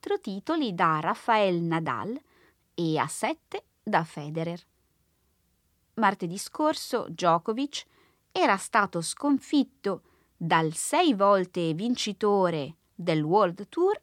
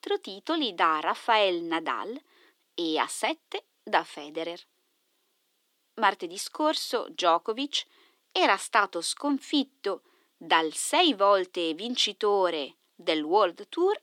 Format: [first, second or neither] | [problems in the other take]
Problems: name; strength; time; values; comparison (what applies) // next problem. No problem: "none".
first | thin; very slightly; fading below 300 Hz